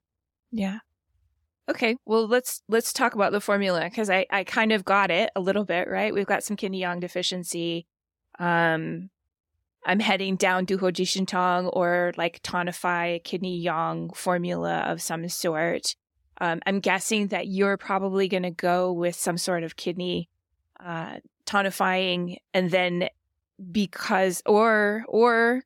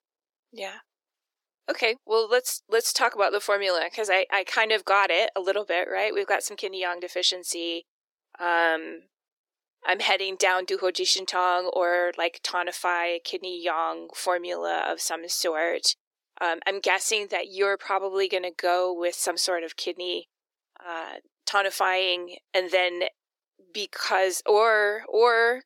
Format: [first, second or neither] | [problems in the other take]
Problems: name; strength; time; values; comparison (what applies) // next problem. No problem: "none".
first | thin; very; fading below 350 Hz